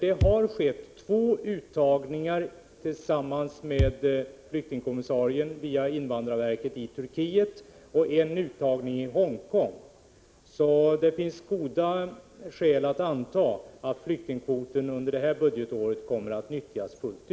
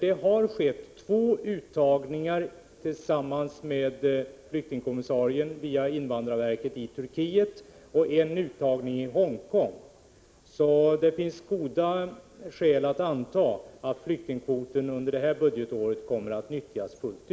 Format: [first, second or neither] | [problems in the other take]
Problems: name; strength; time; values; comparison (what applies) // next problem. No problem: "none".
second | background sound (Bass drum); as loud as the speech